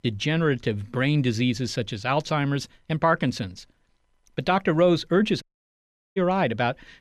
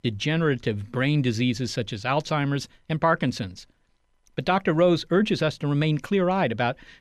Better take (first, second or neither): second